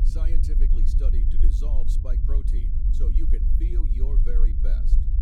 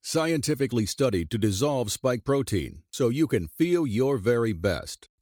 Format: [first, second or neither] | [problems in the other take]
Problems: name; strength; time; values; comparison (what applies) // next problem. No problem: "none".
second | low rumble; loud; throughout; 1 dB below the speech